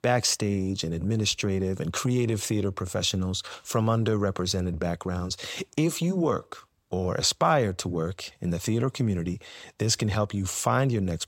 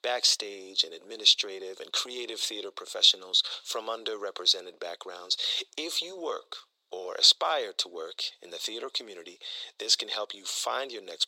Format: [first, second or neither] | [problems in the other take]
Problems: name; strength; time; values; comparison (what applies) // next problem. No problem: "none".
first | thin; very; fading below 400 Hz